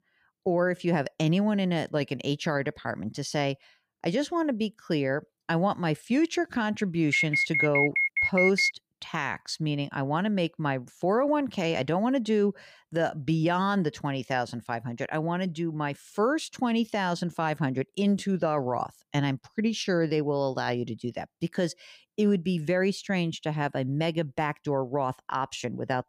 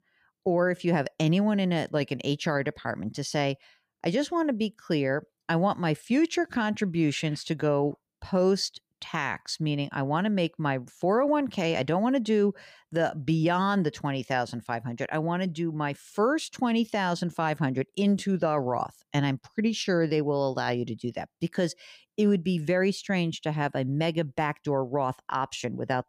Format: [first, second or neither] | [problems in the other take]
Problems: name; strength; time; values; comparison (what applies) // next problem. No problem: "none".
second | alarm; loud; from 7 to 8.5 s; peak 4 dB above the speech